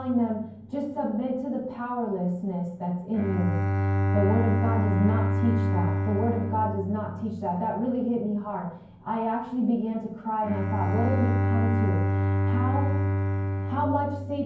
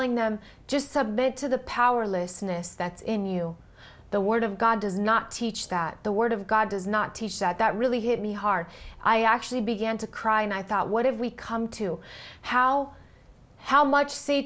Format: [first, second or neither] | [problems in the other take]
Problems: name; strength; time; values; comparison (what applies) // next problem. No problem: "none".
second | background sound (Bowed string instrument); 1 dB above the speech // room echo; dies away in 0.9 s